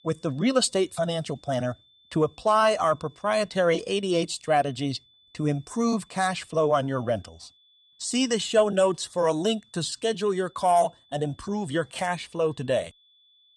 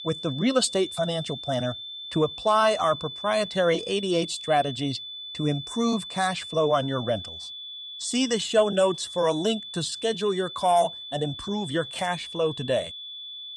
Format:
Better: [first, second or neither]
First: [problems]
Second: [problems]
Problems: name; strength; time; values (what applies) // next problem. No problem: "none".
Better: first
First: high-pitched whine; faint; throughout; 3.5 kHz, 30 dB below the speech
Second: high-pitched whine; loud; throughout; 3.5 kHz, 10 dB below the speech